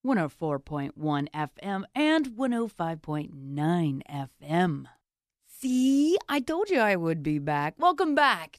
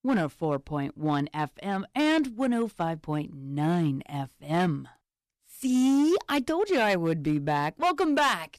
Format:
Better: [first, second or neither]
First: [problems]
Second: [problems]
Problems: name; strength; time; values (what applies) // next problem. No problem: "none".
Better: first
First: none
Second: distortion; slight; 6% of the sound clipped